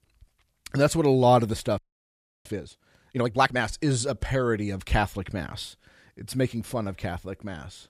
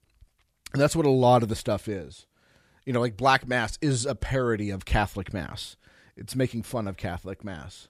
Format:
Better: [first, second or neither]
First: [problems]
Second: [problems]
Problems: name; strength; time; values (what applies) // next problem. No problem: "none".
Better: second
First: audio freezing; at 2 s for 0.5 s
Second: none